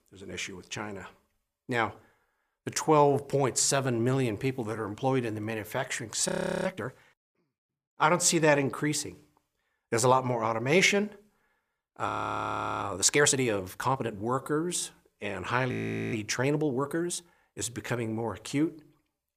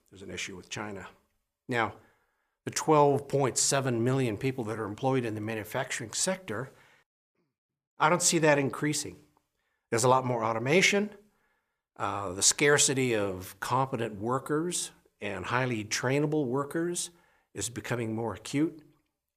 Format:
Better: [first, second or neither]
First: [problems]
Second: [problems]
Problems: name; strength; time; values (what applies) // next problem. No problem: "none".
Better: second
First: audio freezing; at 6.5 s, at 12 s for 0.5 s and at 16 s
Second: none